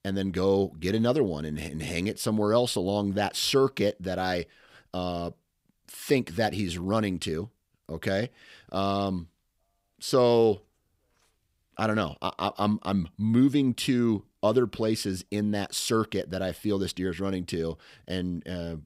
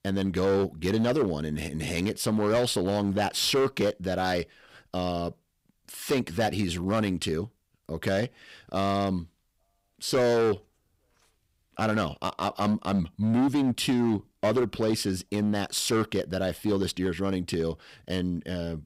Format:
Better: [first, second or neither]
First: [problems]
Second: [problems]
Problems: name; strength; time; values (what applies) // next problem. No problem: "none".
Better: first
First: none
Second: distortion; slight; 8% of the sound clipped